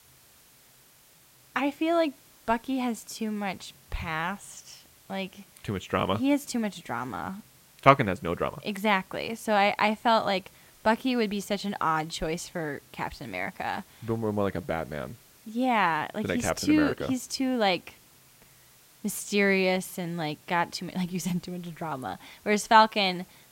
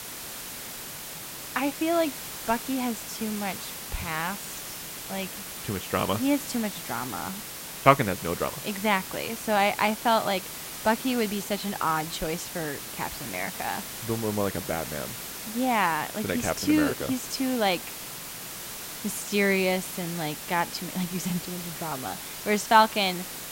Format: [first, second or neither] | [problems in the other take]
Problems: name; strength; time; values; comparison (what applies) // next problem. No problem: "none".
first | hiss; loud; throughout; 8 dB below the speech; faint in the first